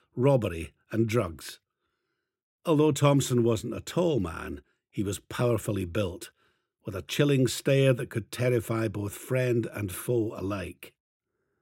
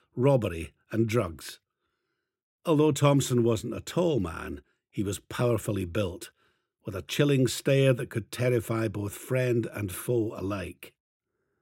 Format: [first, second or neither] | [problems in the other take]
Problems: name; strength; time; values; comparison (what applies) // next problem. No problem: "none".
neither | none